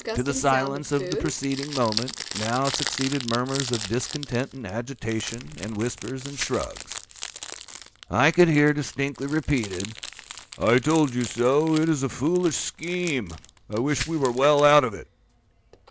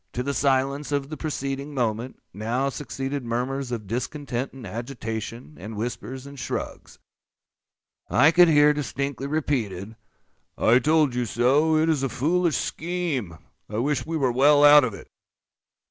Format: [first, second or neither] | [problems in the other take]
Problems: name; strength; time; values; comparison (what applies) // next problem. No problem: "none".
second | background sound (Glass + Crumpling, crinkling); 11 dB below the speech